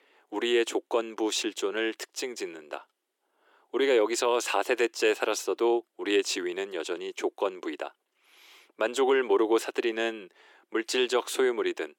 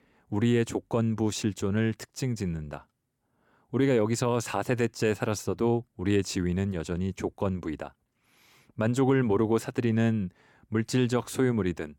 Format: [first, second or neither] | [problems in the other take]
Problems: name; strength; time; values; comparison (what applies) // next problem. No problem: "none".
second | thin; very; fading below 350 Hz